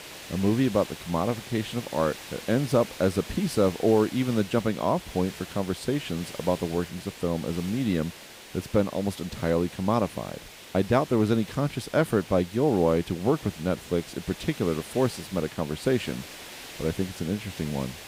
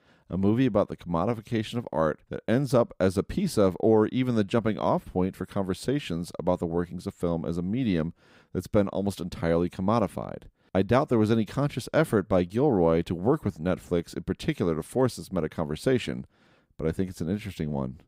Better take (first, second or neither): second